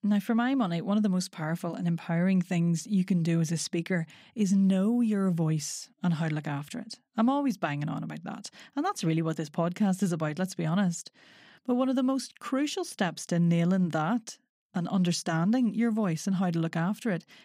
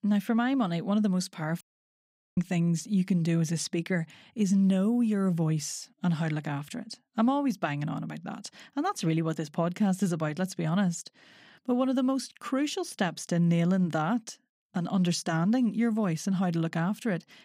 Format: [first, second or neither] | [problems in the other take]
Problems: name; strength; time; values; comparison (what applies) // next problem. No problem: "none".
first | audio cutting out; at 1.5 s for 1 s